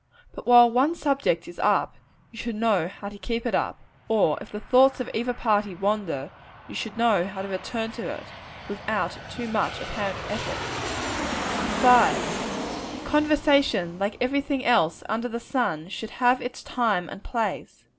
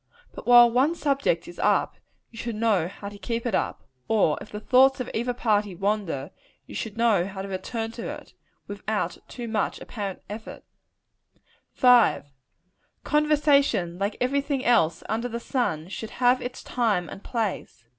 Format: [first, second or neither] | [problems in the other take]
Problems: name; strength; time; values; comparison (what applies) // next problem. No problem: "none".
second | background sound (Aircraft); 10 dB below the speech